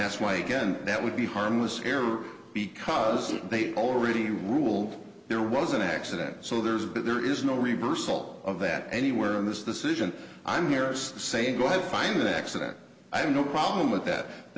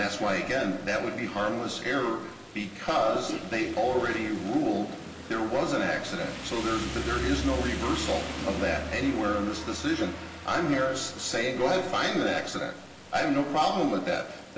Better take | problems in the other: first | background sound (Rain); 11 dB below the speech // room echo; dies away in 1.3 s

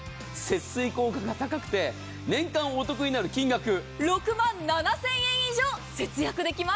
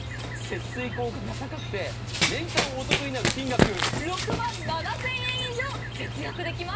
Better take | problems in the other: first | background sound (Run); 3 dB above the speech // room echo; dies away in 0.2 s

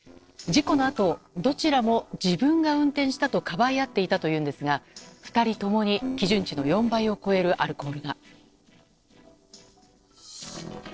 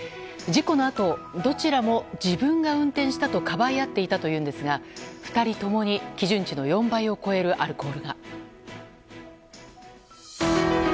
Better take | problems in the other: second | noise reduction (neural separator model SepFormer DNS4)

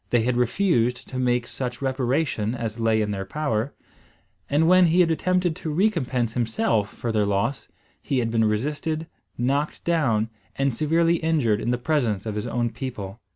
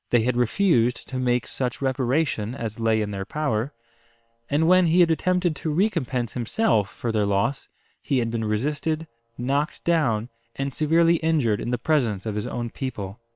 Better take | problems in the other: first | noise reduction (neural separator model SepFormer WHAM!)

